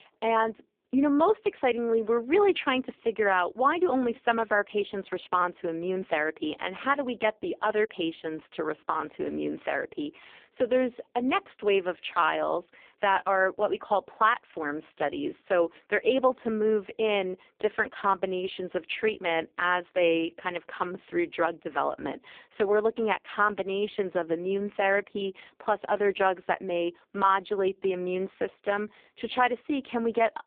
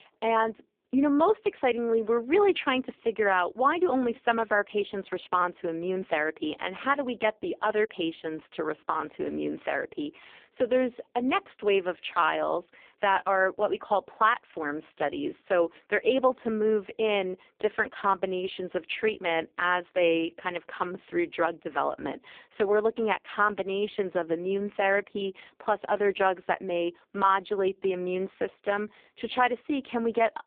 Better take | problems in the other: neither | phone-call audio; poor line; the same in both

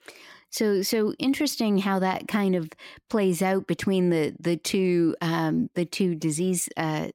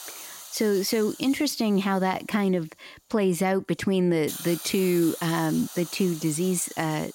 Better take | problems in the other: first | hiss; noticeable; throughout; 15 dB below the speech

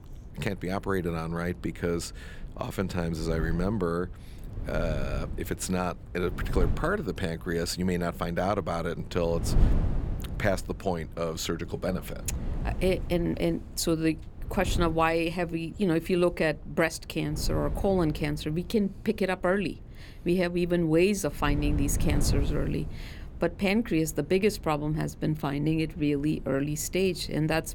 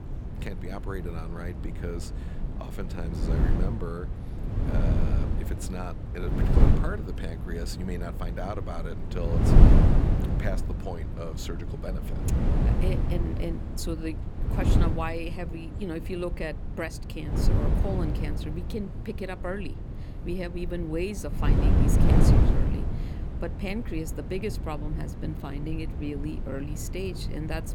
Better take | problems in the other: first | wind noise on the microphone; heavy; 1 dB below the speech; occasional gusts in the first

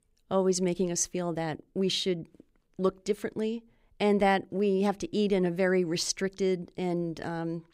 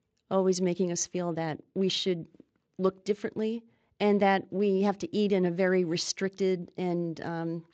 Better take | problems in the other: first | garbled, watery; slightly

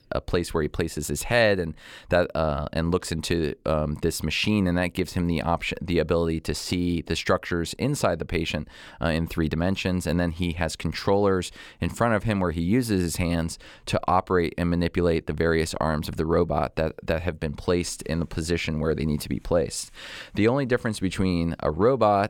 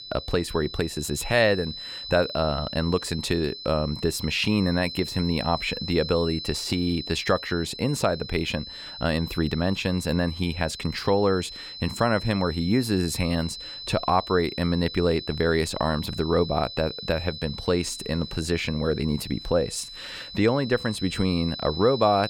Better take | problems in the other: first | high-pitched whine; loud; throughout; 4 kHz, 10 dB below the speech

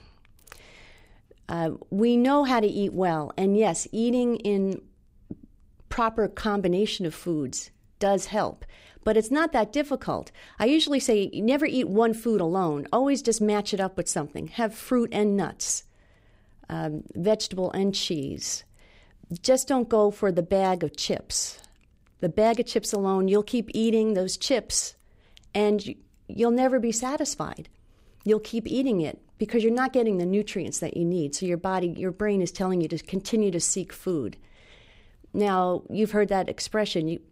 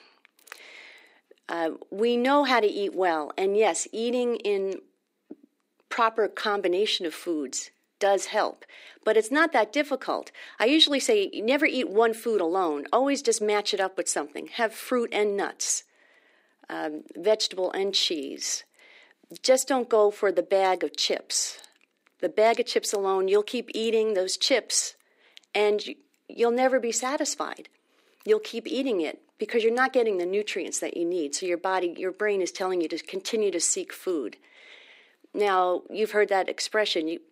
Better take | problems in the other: first | thin; somewhat; fading below 300 Hz

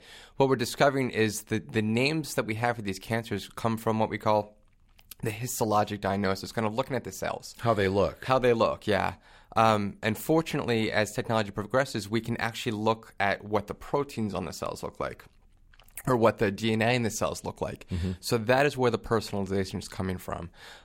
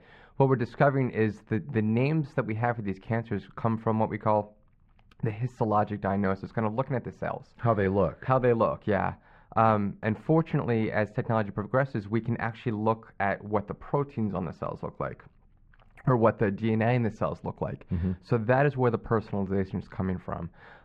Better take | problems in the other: first | muffled; very; fading above 1.5 kHz

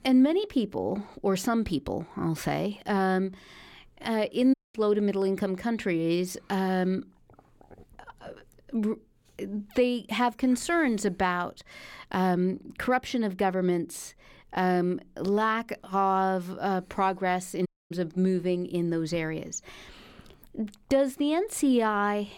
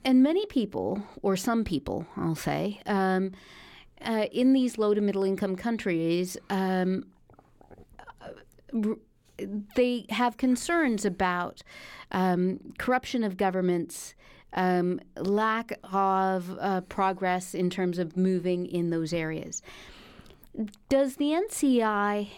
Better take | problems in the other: second | audio cutting out; at 4.5 s and at 18 s

